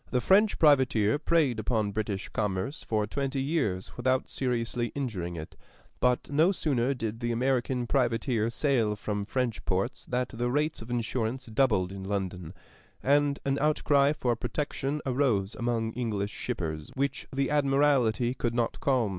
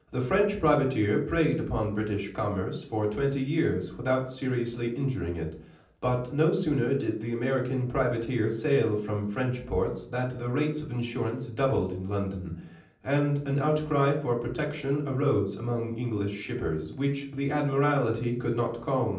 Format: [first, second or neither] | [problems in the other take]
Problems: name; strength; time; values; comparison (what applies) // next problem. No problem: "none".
first | room echo; dies away in 0.6 s